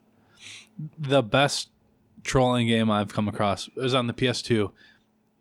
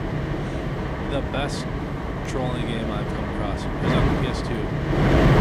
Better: first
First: none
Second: wind noise on the microphone; heavy; 5 dB above the speech

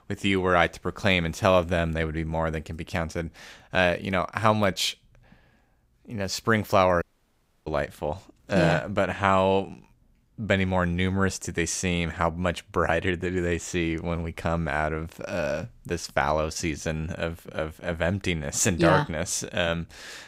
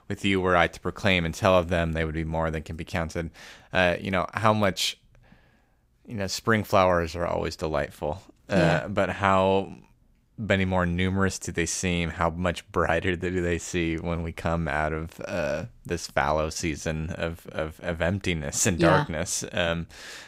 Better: second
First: audio cutting out; at 7 s for 0.5 s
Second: none

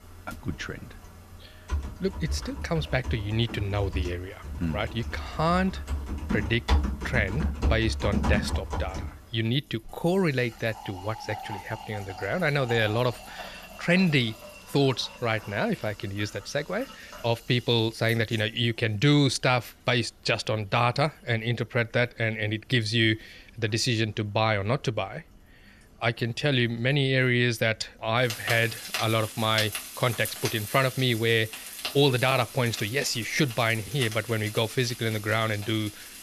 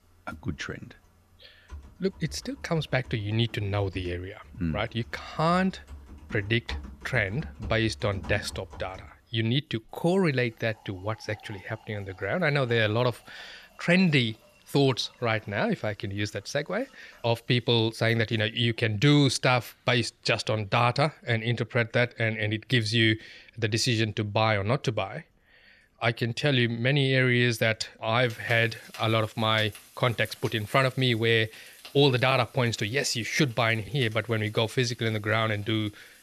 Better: second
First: household noises; loud; throughout; 9 dB below the speech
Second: household noises; faint; throughout; 20 dB below the speech

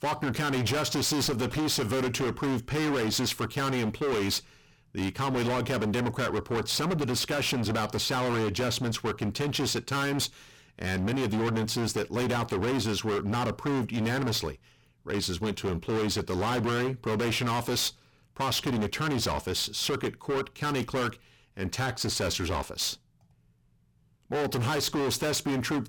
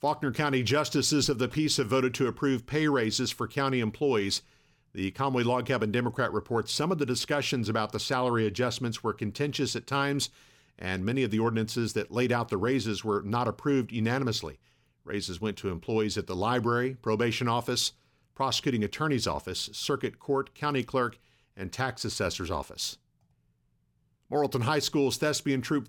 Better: second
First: distortion; heavy; 31% of the sound clipped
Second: none

